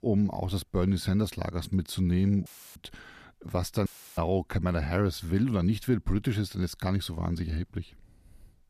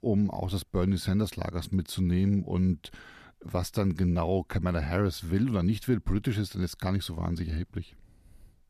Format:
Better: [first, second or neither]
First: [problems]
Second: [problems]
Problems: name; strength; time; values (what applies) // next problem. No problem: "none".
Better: second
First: audio cutting out; filled with static; at 2.5 s and at 4 s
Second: none